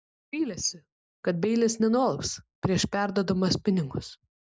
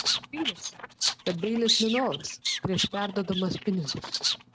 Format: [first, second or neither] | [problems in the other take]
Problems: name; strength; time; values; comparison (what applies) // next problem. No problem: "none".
first | noise reduction (neural mask model RNNoise)